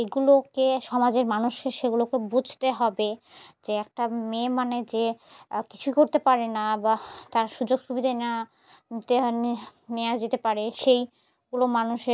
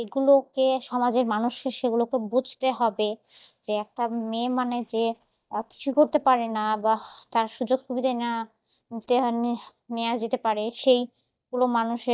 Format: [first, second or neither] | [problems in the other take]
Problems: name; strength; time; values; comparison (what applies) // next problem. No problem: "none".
first | noise reduction (neural mask model DeepFilterNet 3)